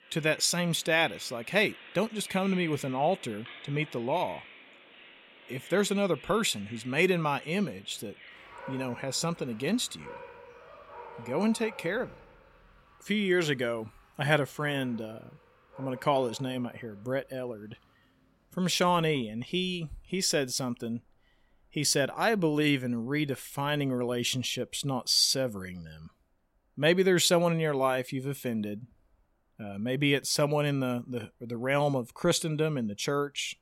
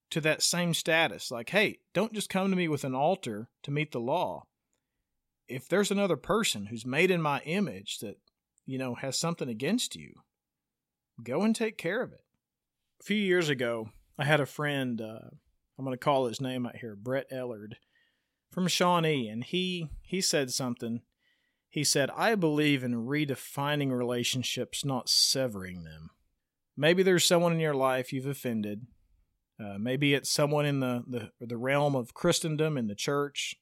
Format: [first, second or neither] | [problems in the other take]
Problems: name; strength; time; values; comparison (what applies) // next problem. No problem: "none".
second | animal sounds; noticeable; throughout; 20 dB below the speech